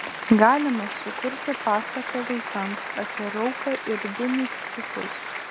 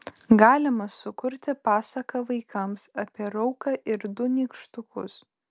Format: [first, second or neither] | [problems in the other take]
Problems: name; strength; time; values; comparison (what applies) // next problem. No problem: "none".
second | background sound (Applause); 7 dB below the speech